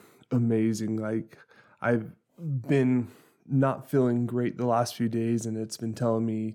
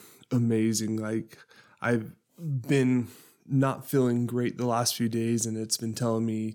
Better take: second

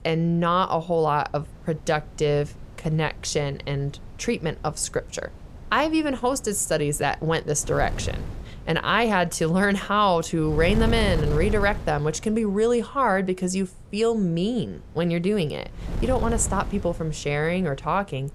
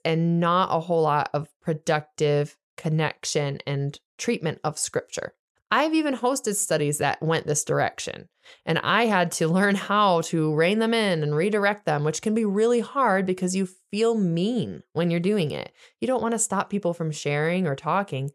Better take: second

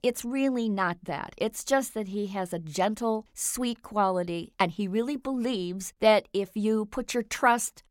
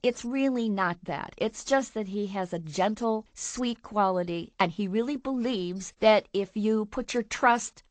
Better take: first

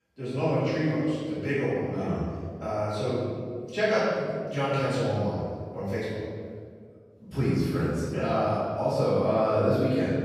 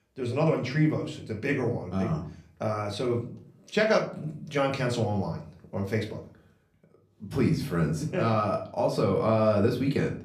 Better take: second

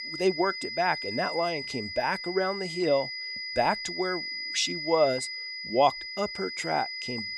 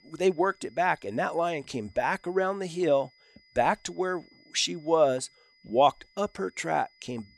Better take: second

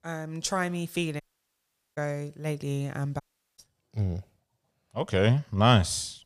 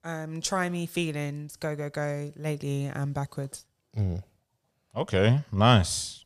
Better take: second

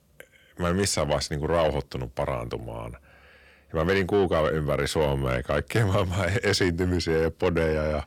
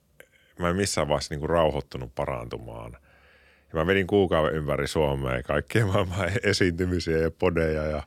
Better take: second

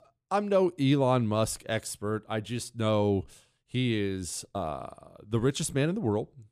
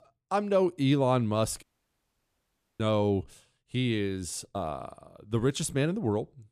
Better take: first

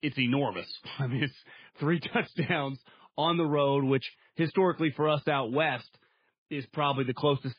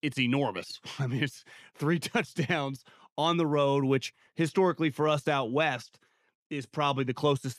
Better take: second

